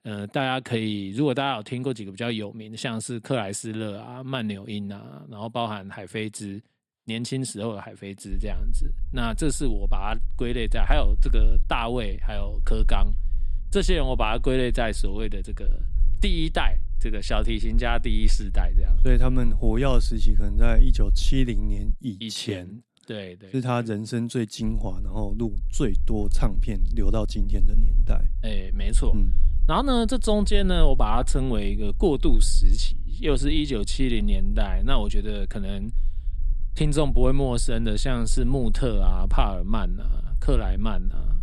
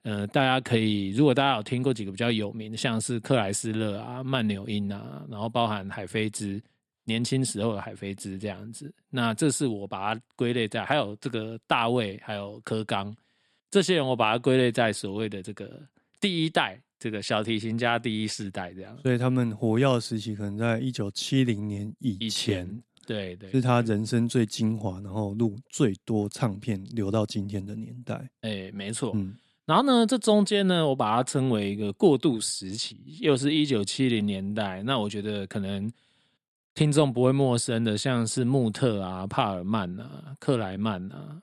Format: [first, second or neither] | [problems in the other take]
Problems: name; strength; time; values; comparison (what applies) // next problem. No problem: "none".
second | low rumble; faint; from 8.5 to 22 s and from 25 s on; 25 dB below the speech